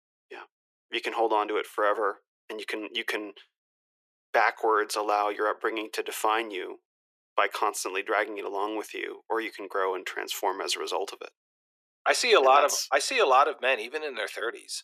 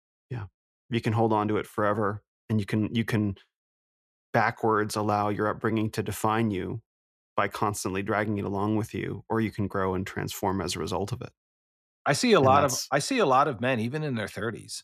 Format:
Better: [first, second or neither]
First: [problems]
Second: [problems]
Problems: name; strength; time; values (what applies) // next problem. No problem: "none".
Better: second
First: thin; very; fading below 350 Hz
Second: none